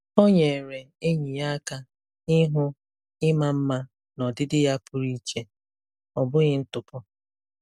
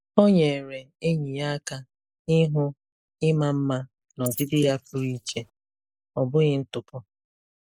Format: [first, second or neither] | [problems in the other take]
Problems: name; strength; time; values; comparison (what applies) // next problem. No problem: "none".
first | noise reduction (neural mask model Resemble Enhance denoiser)